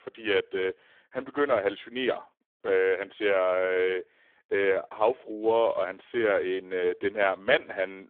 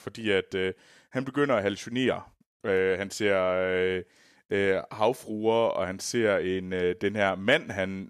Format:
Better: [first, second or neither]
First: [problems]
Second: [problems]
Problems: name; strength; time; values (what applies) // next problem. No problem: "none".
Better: second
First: phone-call audio; poor line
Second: none